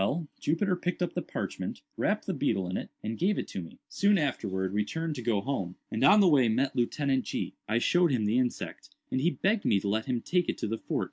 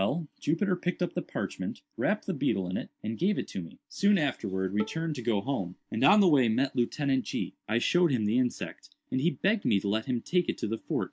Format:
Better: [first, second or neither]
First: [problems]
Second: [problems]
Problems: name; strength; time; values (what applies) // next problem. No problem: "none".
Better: first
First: none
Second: background sound (Bowed string instrument); 18 dB below the speech